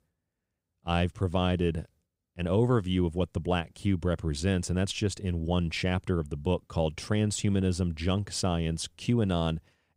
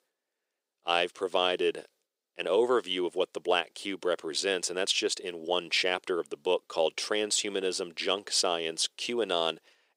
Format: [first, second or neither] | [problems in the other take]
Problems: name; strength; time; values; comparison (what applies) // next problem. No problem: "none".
first | thin; very; fading below 400 Hz